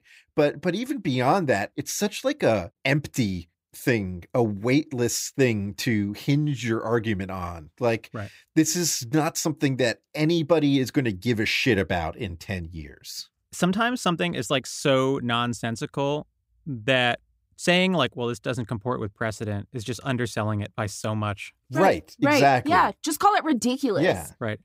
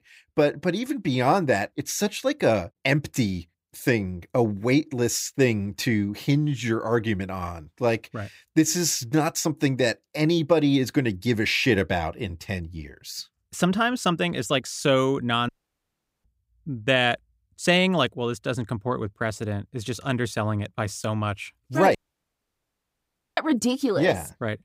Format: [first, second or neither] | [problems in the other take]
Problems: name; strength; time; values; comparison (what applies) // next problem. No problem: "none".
first | audio cutting out; at 15 s for 0.5 s and at 22 s for 1.5 s